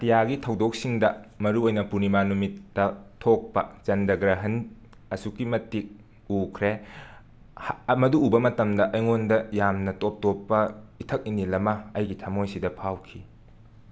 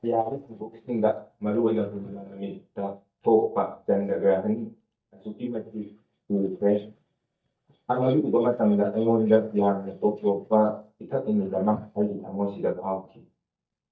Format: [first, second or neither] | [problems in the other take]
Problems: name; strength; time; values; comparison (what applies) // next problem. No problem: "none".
first | noise reduction (neural mask model DeepFilterNet 3)